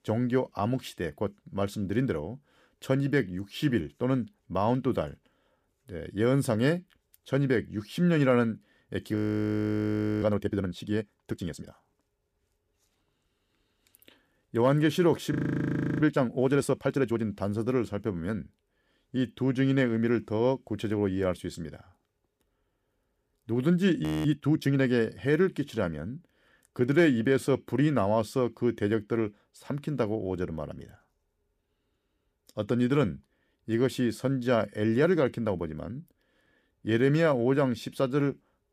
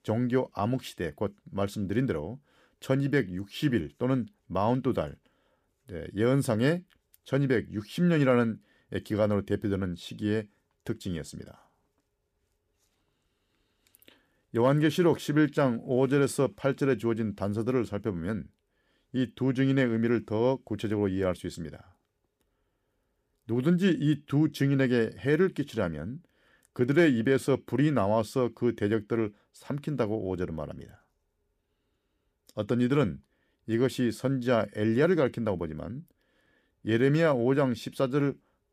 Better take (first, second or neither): second